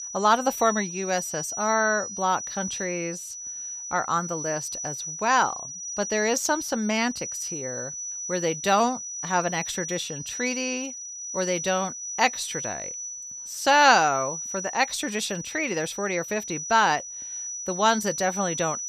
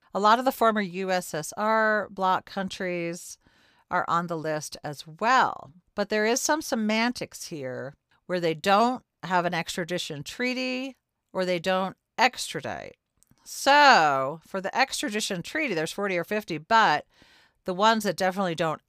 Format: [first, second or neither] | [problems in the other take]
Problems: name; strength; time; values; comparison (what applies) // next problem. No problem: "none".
second | high-pitched whine; loud; throughout; 6 kHz, 7 dB below the speech